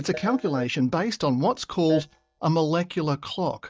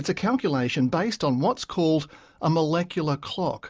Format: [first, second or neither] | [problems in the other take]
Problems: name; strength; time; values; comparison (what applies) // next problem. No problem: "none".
second | noise reduction (neural mask model DeepFilterNet 3)